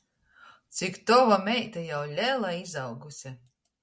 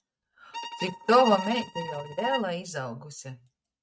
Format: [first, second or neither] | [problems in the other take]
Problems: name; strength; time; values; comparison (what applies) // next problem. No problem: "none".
first | noise reduction (neural mask model RNNoise)